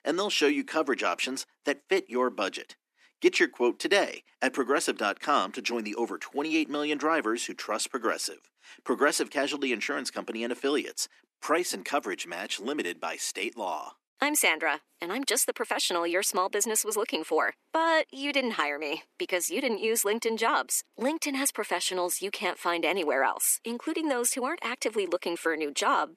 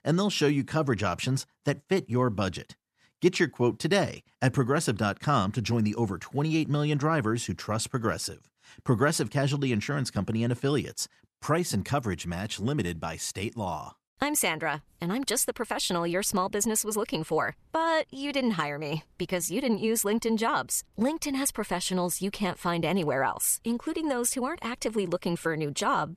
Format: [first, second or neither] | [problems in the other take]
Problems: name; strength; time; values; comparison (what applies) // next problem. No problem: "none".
second | thin; somewhat; fading below 250 Hz